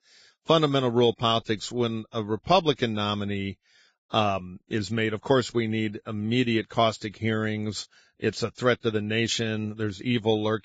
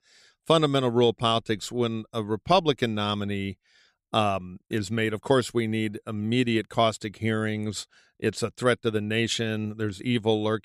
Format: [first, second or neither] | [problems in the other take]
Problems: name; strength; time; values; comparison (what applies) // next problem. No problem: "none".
second | garbled, watery; badly; nothing above 7.5 kHz